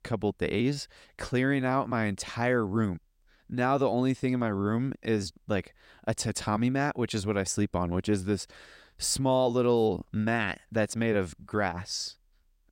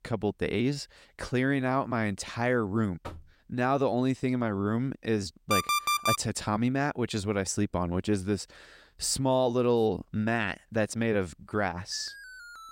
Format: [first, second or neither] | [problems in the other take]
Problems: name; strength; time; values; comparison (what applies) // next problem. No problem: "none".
first | door banging; faint; at 3 s; peak 15 dB below the speech // alarm; loud; at 5.5 s; peak 3 dB above the speech // alarm; faint; at 12 s; peak 15 dB below the speech